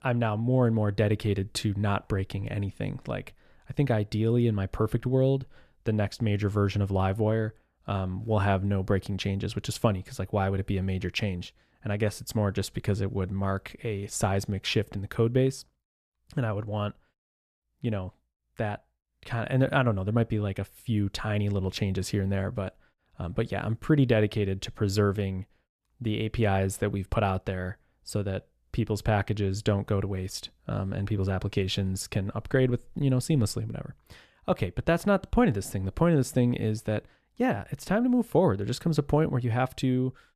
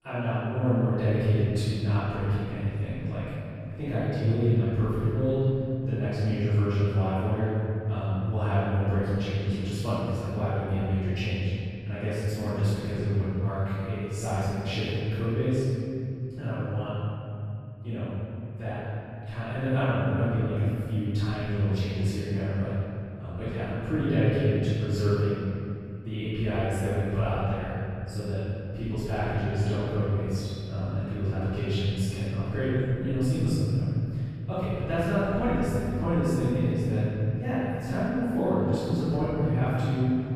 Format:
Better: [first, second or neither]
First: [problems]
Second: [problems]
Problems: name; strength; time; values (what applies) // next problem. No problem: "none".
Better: first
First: none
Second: off-mic speech; far // room echo; strong; dies away in 3 s